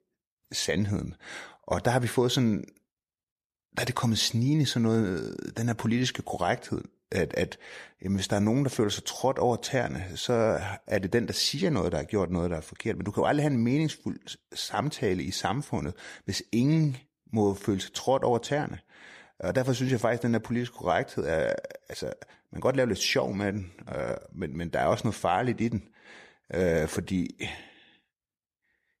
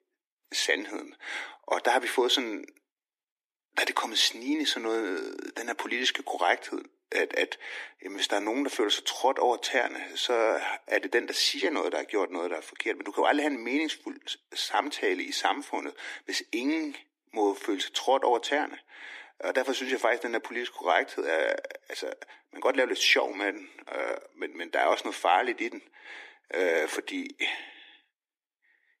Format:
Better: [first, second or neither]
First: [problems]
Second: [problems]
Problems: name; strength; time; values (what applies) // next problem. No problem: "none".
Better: first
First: none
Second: thin; somewhat; fading below 300 Hz